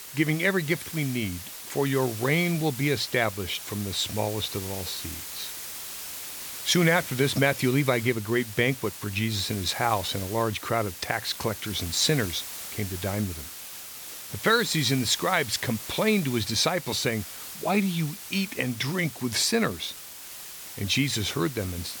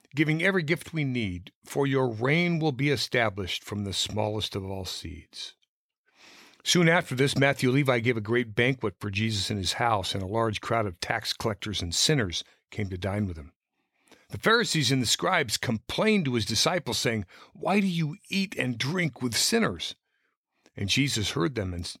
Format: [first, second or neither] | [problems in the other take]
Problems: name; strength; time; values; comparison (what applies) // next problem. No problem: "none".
second | hiss; loud; throughout; 10 dB below the speech